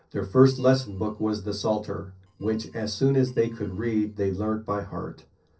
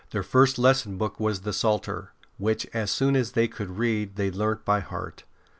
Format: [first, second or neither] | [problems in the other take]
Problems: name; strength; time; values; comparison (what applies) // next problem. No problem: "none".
second | noise reduction (neural separator model SepFormer DNS4)